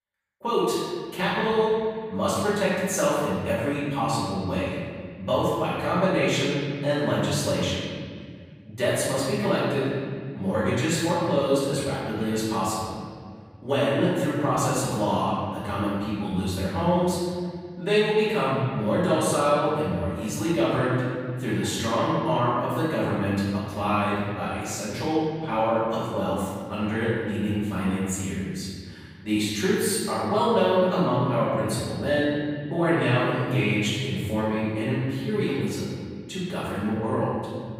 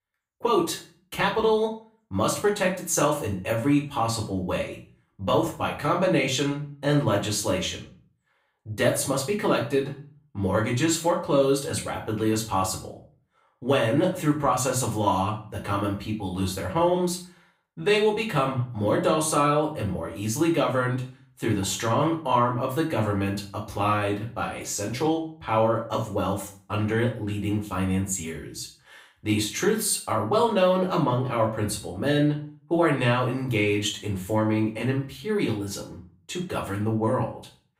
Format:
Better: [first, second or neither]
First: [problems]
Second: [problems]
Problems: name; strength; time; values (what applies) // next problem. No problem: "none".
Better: second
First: room echo; strong; dies away in 2 s // off-mic speech; far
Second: room echo; slight; dies away in 0.4 s // off-mic speech; far